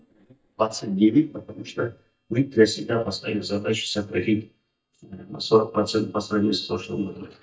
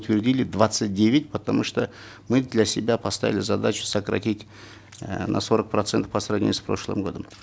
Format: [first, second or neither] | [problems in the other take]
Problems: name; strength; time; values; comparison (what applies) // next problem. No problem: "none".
second | noise reduction (neural mask model DeepFilterNet 3)